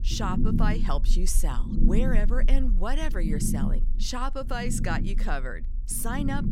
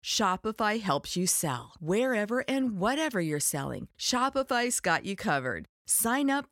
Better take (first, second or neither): second